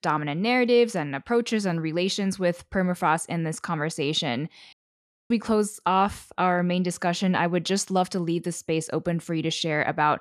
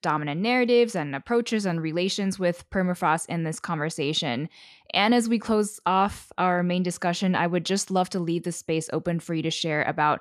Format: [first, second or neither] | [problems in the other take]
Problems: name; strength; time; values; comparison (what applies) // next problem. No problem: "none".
second | audio cutting out; at 4.5 s for 0.5 s